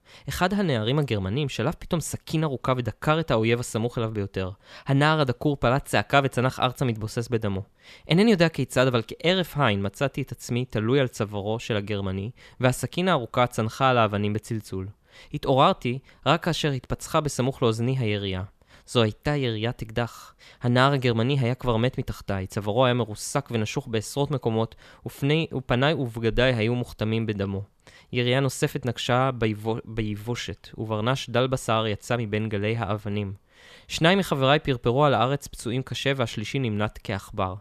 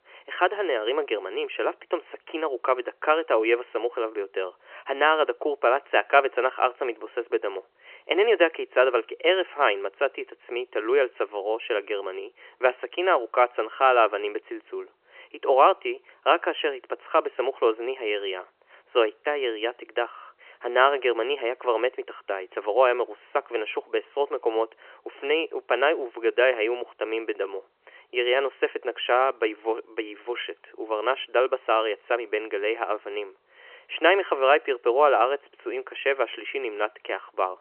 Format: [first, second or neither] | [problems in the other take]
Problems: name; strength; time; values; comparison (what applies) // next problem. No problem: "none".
first | phone-call audio; nothing above 3 kHz